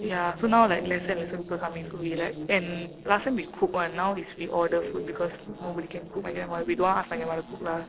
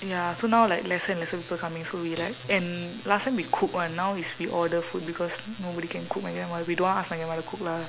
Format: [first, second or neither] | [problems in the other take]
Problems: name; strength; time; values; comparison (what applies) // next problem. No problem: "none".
second | noise reduction (neural separator model SepFormer DNS4)